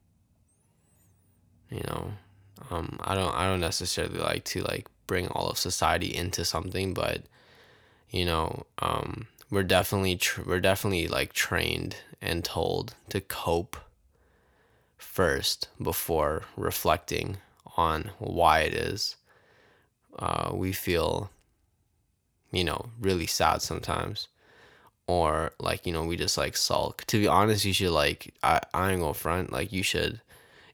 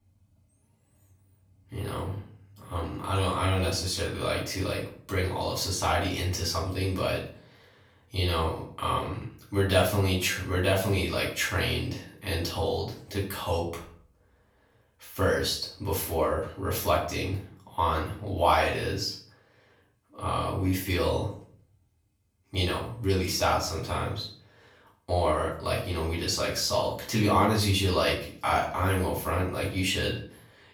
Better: first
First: none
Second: off-mic speech; far // room echo; slight; dies away in 0.4 s

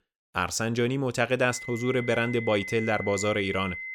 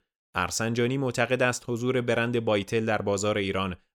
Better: second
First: high-pitched whine; loud; from 1.5 s on; 2 kHz, 9 dB below the speech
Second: none

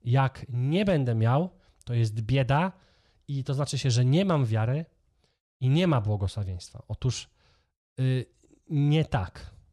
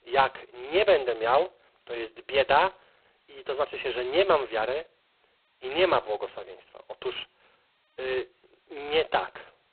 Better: first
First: none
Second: phone-call audio; poor line; nothing above 4 kHz

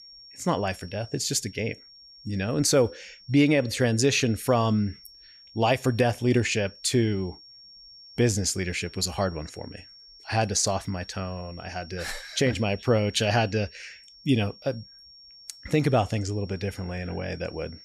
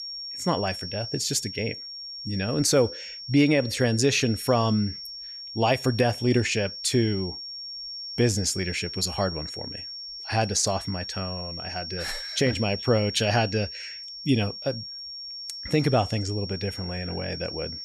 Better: first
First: high-pitched whine; faint; throughout; 5.5 kHz, 20 dB below the speech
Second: high-pitched whine; loud; throughout; 5.5 kHz, 9 dB below the speech

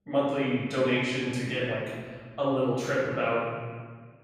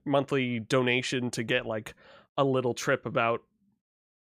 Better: second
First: off-mic speech; far // room echo; strong; dies away in 1.7 s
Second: none

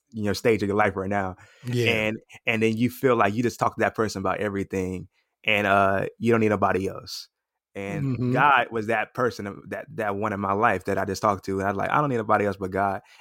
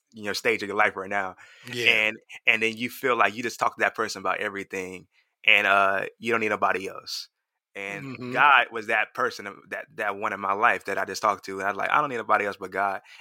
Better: first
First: none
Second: thin; somewhat; fading below 650 Hz

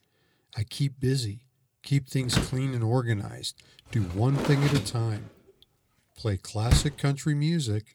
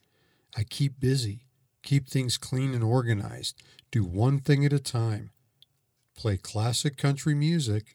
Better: second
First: door banging; loud; from 2.5 to 7 s; peak 1 dB above the speech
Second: none

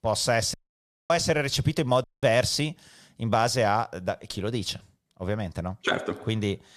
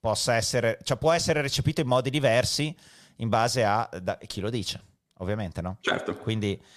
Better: second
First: audio cutting out; at 0.5 s for 0.5 s and at 2 s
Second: none

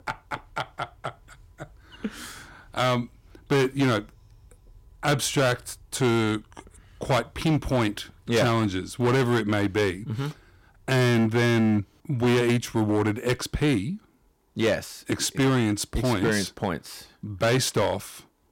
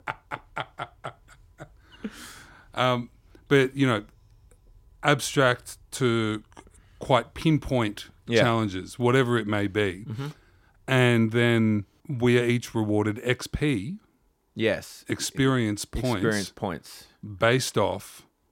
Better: second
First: distortion; heavy; 9% of the sound clipped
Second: none

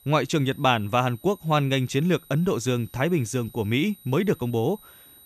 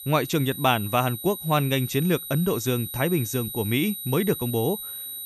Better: first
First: high-pitched whine; faint; throughout; 12 kHz, 25 dB below the speech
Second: high-pitched whine; loud; throughout; 12 kHz, 8 dB below the speech

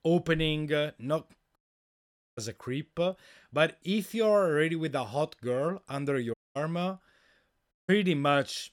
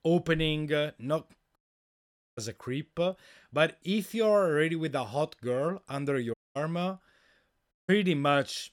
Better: neither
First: audio cutting out; at 1.5 s for 1 s, at 6.5 s and at 7.5 s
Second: audio cutting out; at 1.5 s for 1 s, at 6.5 s and at 7.5 s

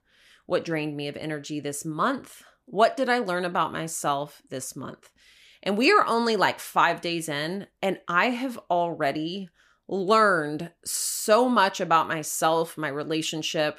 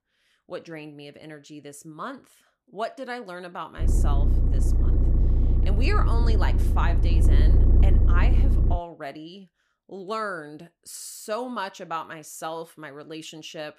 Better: first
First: none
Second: low rumble; loud; from 4 to 9 s; 4 dB below the speech

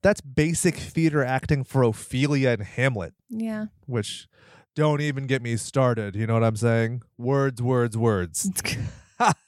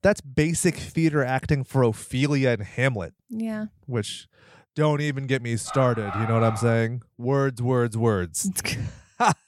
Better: first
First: none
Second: dog barking; noticeable; from 5.5 to 7 s; peak 6 dB below the speech

